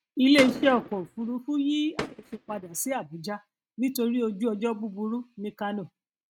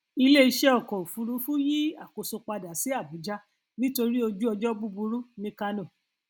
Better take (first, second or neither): second